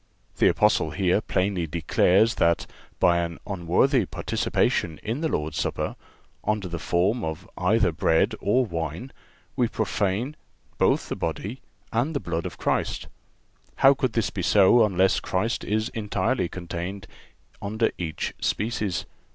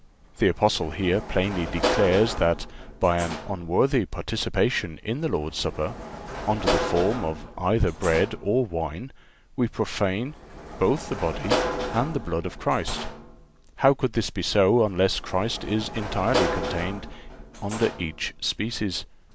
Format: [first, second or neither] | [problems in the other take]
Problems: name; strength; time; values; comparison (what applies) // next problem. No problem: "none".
first | background sound (Sliding door / Slam); 8 dB below the speech